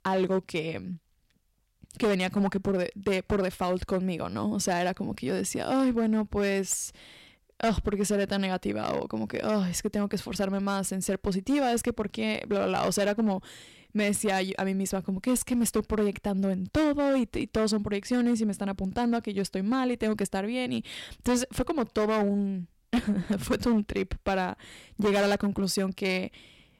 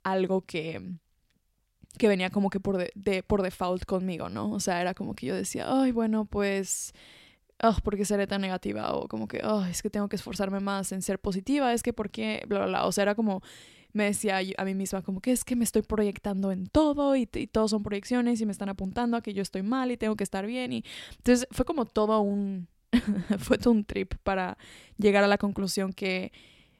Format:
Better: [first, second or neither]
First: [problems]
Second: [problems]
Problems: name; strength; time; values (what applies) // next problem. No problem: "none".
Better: second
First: distortion; slight; 7% of the sound clipped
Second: none